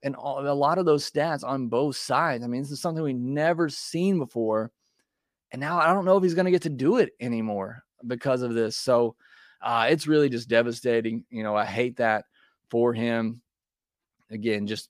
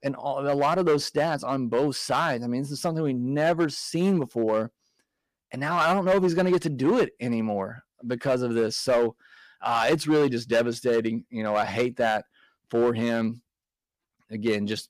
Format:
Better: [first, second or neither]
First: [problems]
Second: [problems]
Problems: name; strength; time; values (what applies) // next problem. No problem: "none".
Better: first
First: none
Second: distortion; slight; 5% of the sound clipped